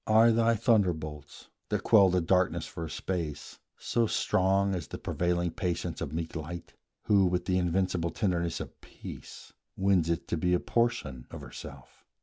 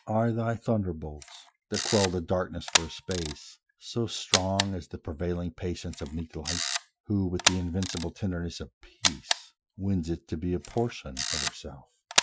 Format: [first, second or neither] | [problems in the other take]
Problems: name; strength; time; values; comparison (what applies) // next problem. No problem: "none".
first | noise reduction (classical method Wiener filter)